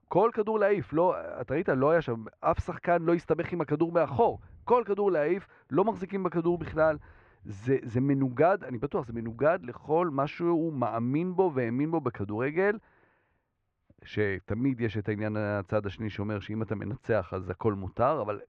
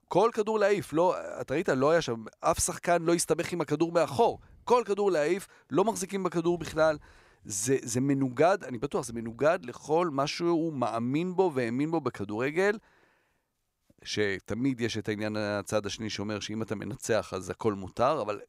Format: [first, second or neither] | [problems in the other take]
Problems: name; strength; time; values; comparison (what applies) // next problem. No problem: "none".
second | muffled; very; fading above 2.5 kHz